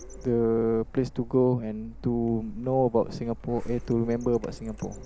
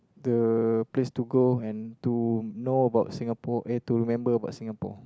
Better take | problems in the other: second | background sound (Printer); 14 dB below the speech

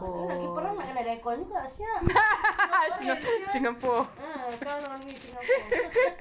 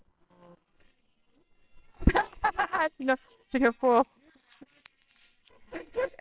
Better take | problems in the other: first | noise reduction (neural separator model SepFormer WHAMR!)

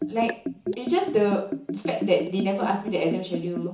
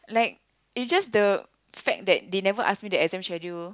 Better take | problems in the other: second | background sound (Liquid); 6 dB below the speech // room echo; dies away in 0.7 s

